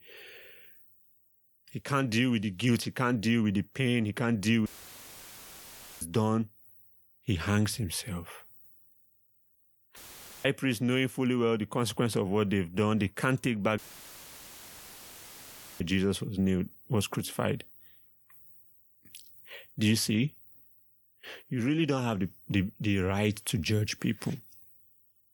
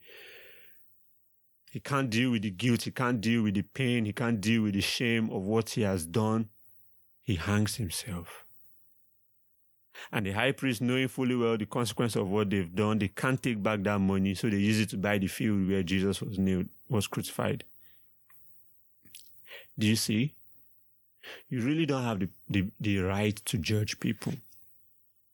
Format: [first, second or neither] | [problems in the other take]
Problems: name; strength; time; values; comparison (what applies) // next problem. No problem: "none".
second | audio cutting out; filled with static; at 4.5 s for 1.5 s, at 10 s and at 14 s for 2 s